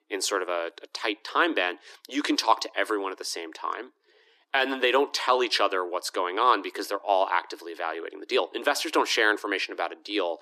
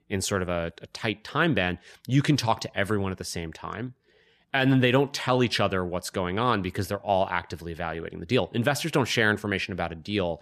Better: second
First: thin; somewhat; fading below 300 Hz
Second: none

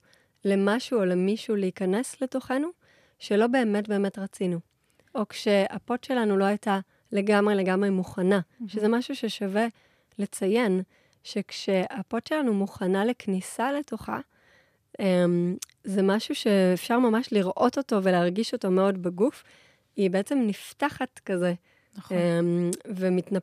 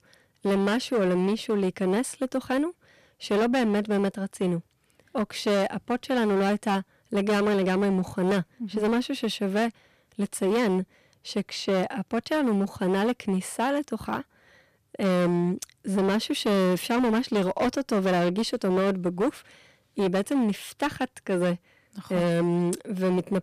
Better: first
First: none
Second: distortion; slight; 15% of the sound clipped

